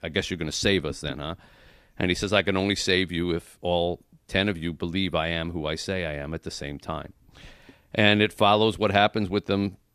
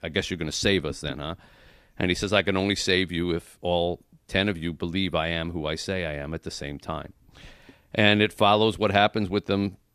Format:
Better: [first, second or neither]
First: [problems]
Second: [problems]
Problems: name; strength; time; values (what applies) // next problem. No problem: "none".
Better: neither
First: none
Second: none